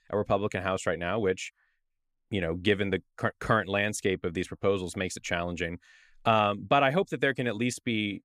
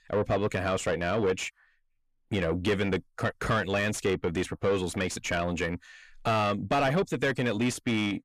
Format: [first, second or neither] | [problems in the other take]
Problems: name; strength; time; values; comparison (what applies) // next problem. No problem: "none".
first | distortion; heavy; 6 dB below the speech